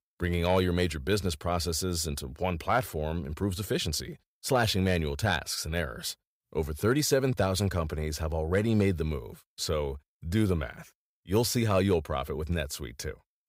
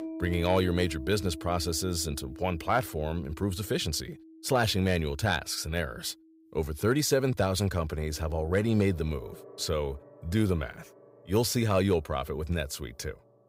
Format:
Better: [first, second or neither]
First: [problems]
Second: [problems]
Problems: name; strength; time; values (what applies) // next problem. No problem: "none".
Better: first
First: none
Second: background music; noticeable; throughout; 15 dB below the speech